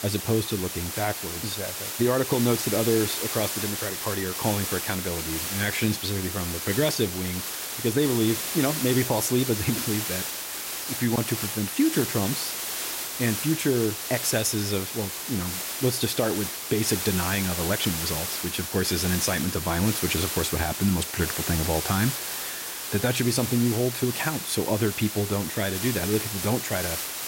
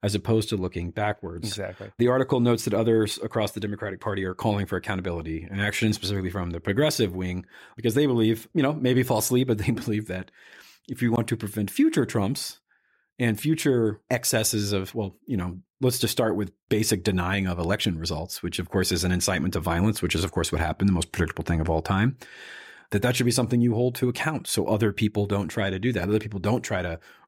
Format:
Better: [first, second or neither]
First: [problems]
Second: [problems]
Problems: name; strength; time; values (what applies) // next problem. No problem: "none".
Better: second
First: hiss; loud; throughout; 3 dB below the speech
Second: none